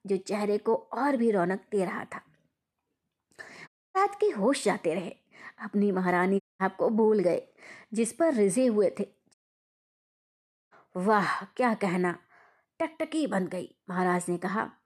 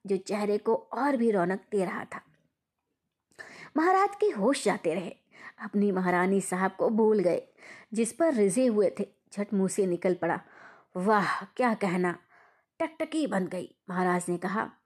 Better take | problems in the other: second | audio cutting out; at 3.5 s, at 6.5 s and at 9.5 s for 1.5 s

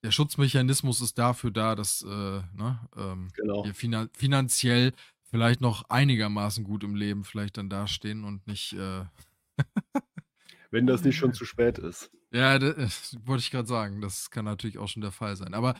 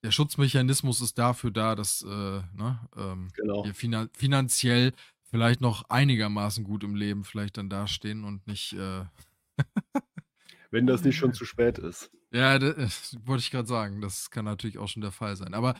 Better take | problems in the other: neither | none

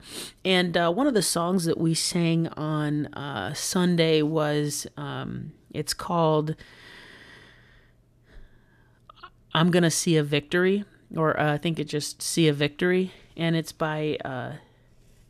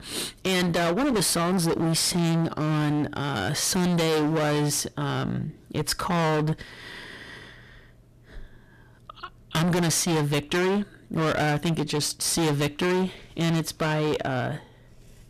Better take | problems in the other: first | distortion; heavy; 25% of the sound clipped

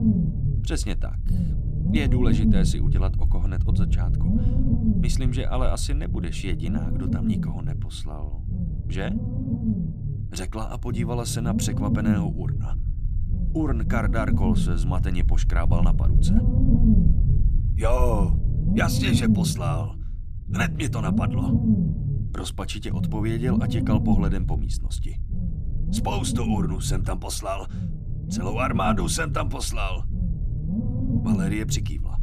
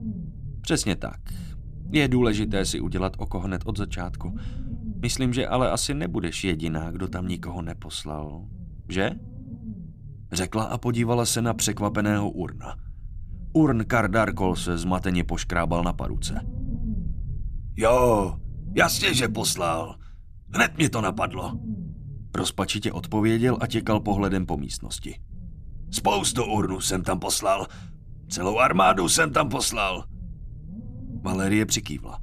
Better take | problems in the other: second | low rumble; loud; throughout; 3 dB below the speech; faint in the second

